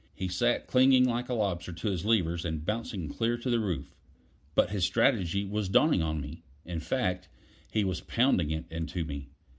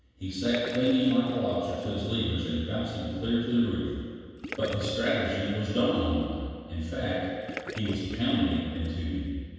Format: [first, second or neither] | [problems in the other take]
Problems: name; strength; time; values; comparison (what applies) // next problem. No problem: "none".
first | background sound (Gurgling / Liquid); 14 dB below the speech // room echo; dies away in 1.9 s